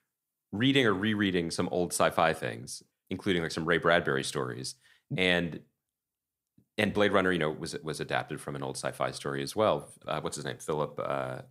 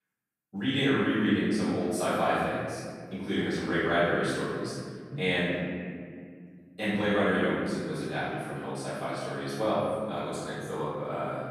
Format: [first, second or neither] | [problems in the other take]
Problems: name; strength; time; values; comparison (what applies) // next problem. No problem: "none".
first | off-mic speech; far // room echo; strong; dies away in 2.1 s